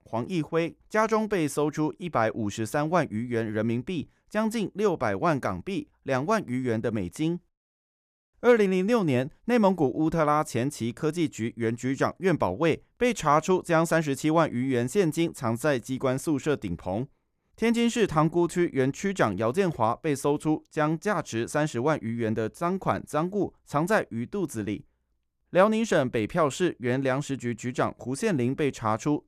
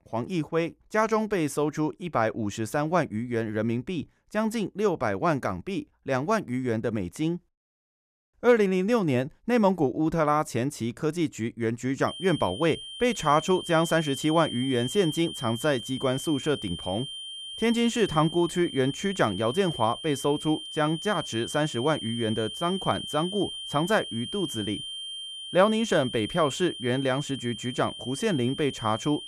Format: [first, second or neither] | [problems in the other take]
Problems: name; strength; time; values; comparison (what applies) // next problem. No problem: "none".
first | high-pitched whine; loud; from 12 s on; 3 kHz, 9 dB below the speech